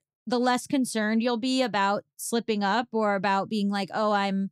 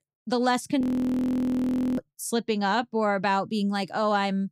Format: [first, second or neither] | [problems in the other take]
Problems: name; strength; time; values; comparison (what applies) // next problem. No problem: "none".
first | audio freezing; at 1 s for 1 s